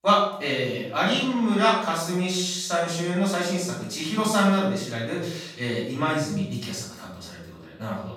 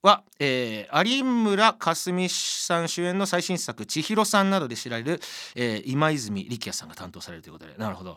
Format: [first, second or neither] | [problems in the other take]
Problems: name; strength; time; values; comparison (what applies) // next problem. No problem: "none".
second | off-mic speech; far // room echo; noticeable; dies away in 0.7 s